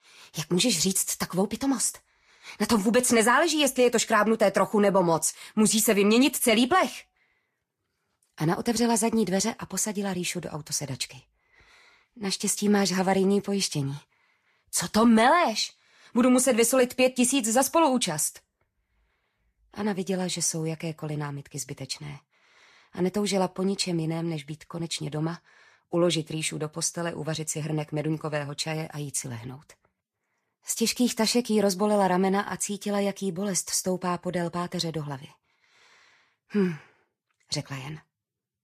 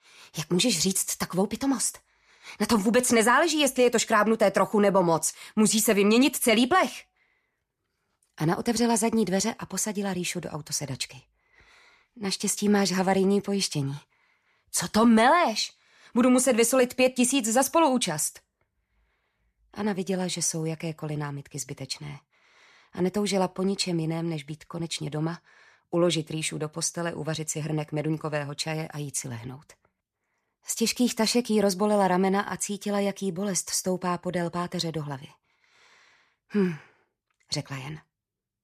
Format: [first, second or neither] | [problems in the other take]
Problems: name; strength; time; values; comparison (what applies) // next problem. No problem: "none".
second | garbled, watery; slightly; nothing above 14.5 kHz